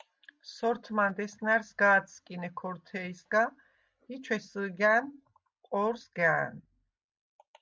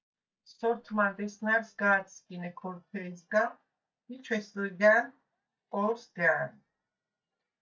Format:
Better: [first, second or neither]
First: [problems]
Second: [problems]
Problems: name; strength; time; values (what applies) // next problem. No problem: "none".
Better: first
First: none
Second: noise reduction (neural mask model DeepFilterNet 3)